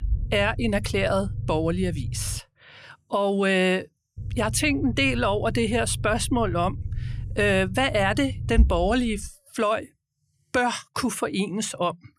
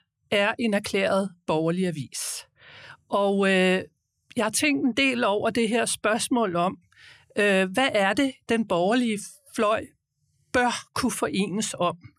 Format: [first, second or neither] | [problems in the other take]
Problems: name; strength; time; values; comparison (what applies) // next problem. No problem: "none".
second | low rumble; faint; until 2.5 s and from 4 to 9.5 s; 20 dB below the speech